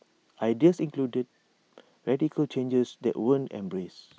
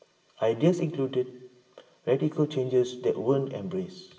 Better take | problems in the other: first | room echo; dies away in 0.7 s

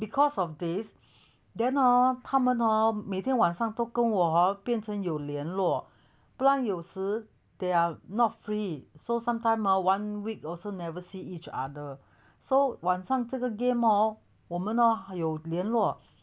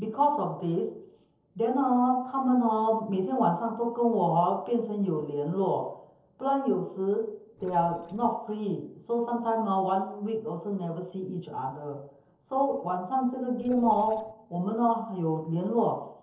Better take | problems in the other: first | noise reduction (neural separator model SepFormer DNS4)

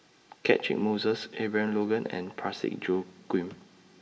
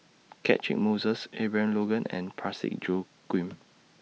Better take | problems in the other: second | room echo; dies away in 2.3 s

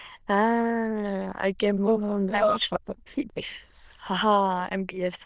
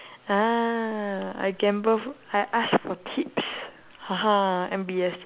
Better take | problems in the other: second | noise reduction (neural diffusion model UNIVERSE++)

